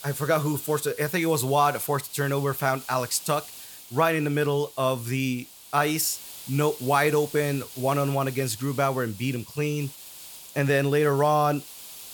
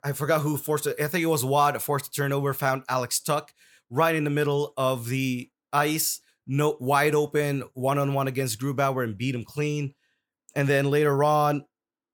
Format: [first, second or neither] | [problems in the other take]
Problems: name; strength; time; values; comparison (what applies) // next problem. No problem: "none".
second | hiss; noticeable; throughout; 15 dB below the speech